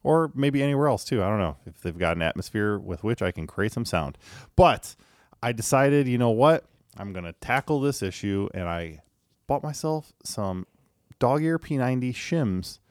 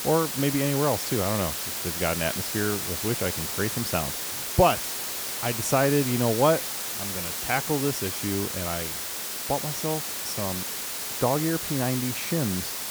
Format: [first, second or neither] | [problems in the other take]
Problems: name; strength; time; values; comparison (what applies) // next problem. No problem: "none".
first | hiss; loud; throughout; 1 dB below the speech